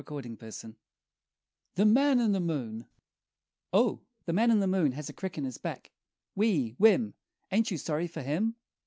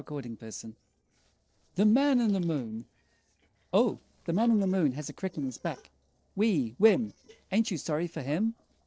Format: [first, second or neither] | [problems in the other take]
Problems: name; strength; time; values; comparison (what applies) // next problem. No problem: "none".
first | noise reduction (neural separator model SepFormer DNS4)